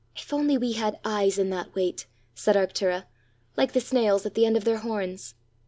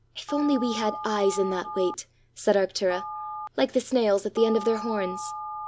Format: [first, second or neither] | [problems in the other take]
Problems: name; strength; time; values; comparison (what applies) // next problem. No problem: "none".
first | background sound (Telephone); 10 dB below the speech